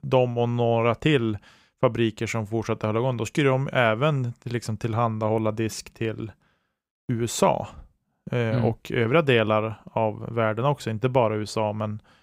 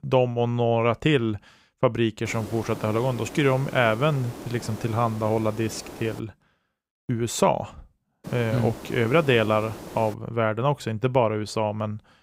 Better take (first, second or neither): first